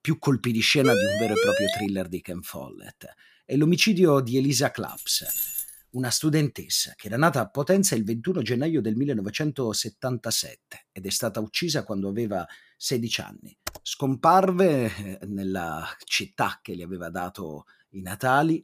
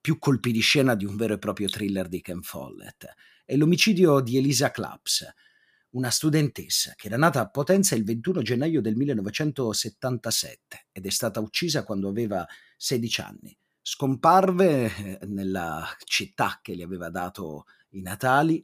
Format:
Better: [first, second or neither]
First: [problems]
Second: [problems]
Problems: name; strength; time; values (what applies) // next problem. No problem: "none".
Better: second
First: siren; loud; from 1 to 2 s; peak 2 dB above the speech // jangling keys; noticeable; at 5 s; peak 1 dB below the speech // keyboard typing; faint; at 14 s; peak 15 dB below the speech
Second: none